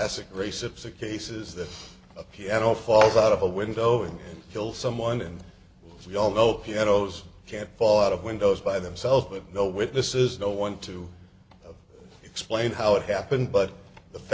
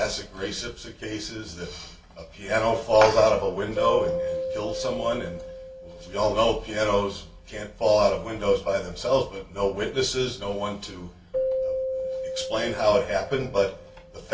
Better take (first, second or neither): first